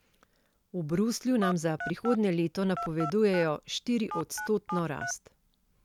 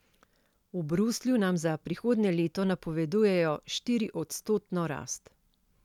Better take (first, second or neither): second